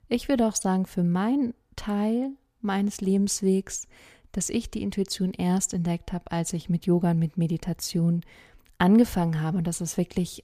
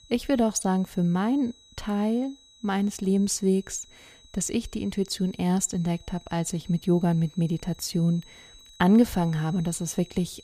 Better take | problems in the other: first | high-pitched whine; faint; throughout; 4 kHz, 25 dB below the speech

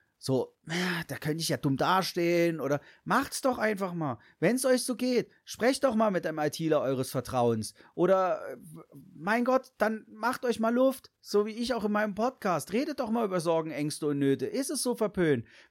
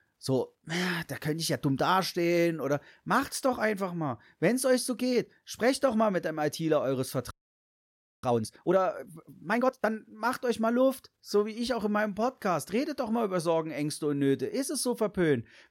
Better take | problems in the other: first | audio freezing; at 7.5 s for 1 s

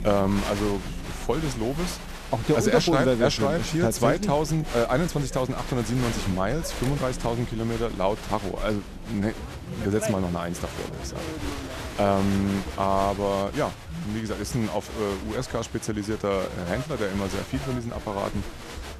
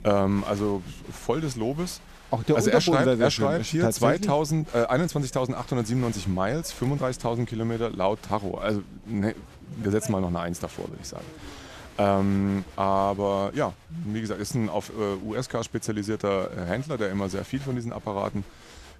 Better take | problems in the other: second | crowd noise; loud; throughout; 9 dB below the speech; faint in the second

